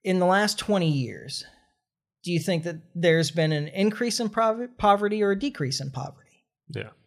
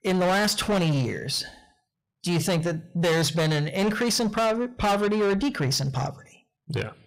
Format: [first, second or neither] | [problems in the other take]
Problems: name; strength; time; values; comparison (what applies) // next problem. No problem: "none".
first | distortion; heavy; 6 dB below the speech